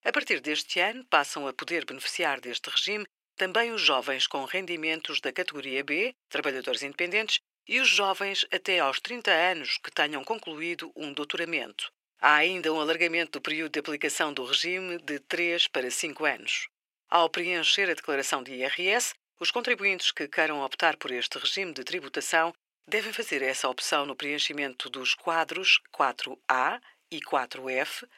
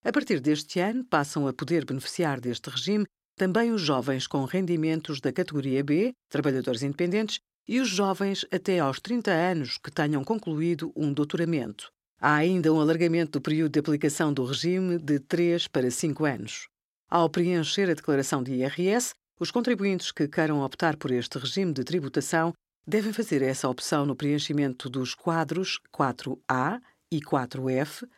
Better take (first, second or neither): second